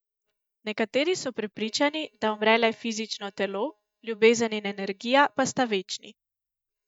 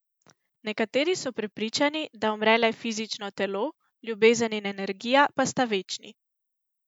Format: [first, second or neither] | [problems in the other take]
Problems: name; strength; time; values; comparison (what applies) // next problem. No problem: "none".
second | noise reduction (neural mask model DeepFilterNet 3)